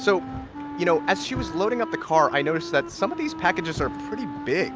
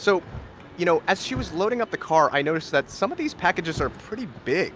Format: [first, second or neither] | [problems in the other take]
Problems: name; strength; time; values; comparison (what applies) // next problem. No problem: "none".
second | background sound (Wind instrument, woodwind instrument); 10 dB below the speech